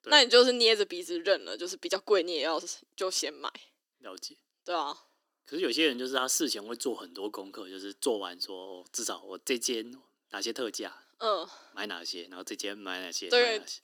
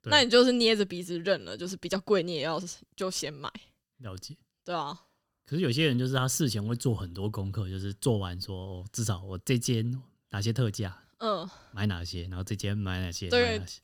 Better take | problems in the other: second | thin; somewhat; fading below 300 Hz

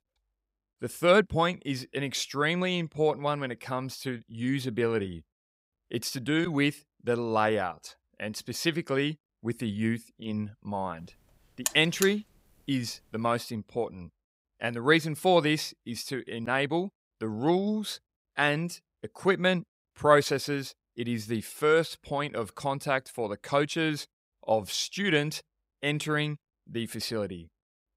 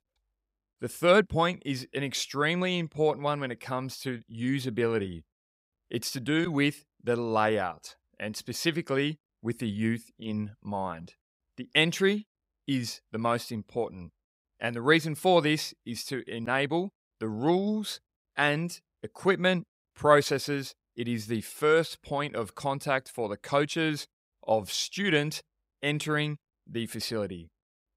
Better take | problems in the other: second | alarm; noticeable; at 12 s; peak 2 dB below the speech

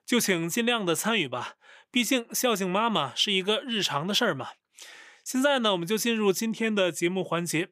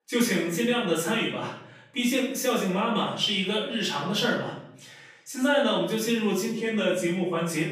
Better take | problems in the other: first | off-mic speech; far // room echo; noticeable; dies away in 0.7 s

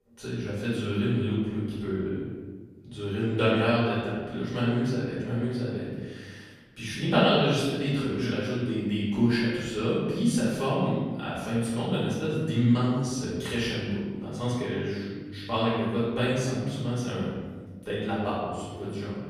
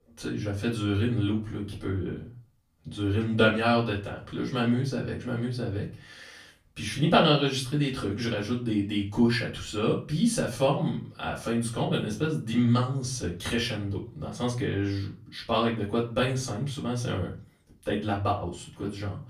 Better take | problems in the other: second | room echo; strong; dies away in 1.4 s; slight in the second // off-mic speech; far; far in the second

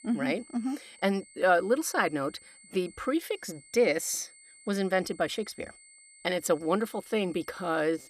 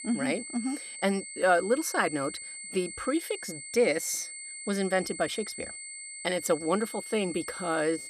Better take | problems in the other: first | high-pitched whine; loud; throughout; 8 kHz, 9 dB below the speech; faint in the first

